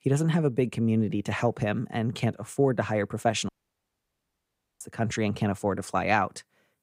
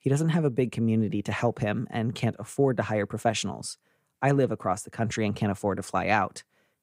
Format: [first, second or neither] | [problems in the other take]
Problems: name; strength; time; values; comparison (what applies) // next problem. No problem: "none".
second | audio cutting out; at 3.5 s for 1.5 s